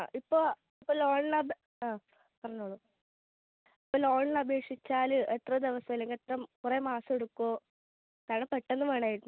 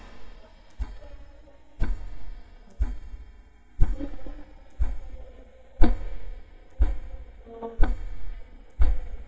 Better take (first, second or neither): first